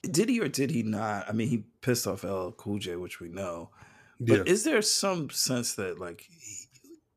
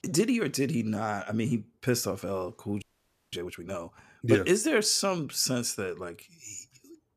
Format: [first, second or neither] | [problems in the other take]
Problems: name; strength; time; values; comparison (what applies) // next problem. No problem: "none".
first | audio freezing; at 3 s for 0.5 s